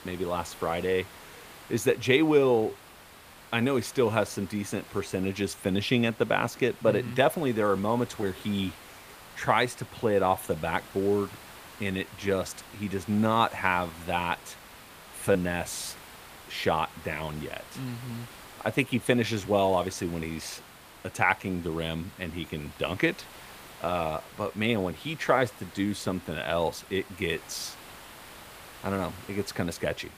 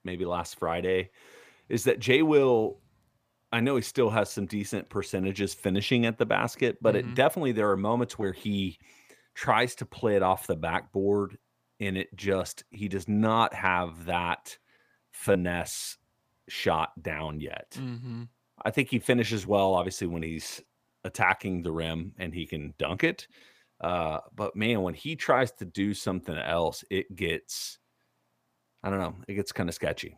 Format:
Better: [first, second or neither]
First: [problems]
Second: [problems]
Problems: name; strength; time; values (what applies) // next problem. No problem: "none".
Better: second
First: hiss; noticeable; throughout; 20 dB below the speech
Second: none